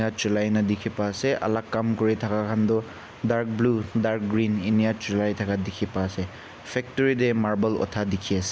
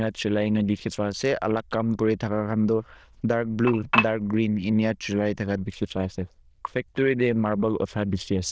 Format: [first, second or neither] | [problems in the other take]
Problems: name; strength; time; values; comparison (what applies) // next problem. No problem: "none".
first | noise reduction (neural diffusion model UNIVERSE++)